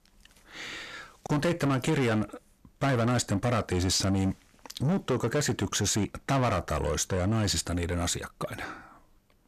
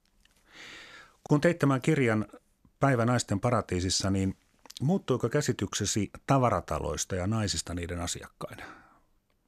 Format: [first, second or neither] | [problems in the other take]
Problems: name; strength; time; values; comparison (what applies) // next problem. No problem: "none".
second | distortion; heavy; 7 dB below the speech